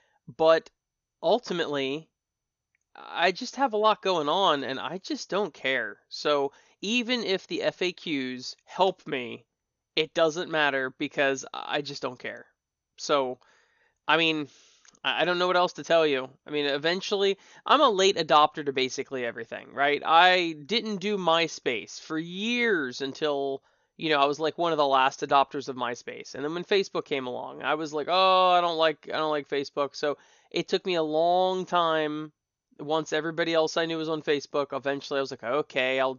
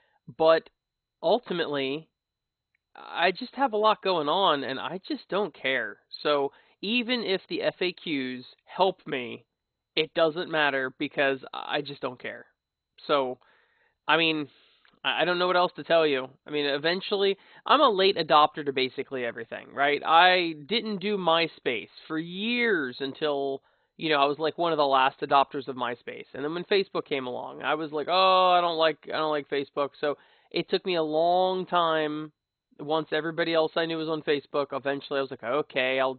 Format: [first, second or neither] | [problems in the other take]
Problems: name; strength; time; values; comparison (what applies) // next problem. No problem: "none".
first | garbled, watery; badly; nothing above 4 kHz; slightly in the first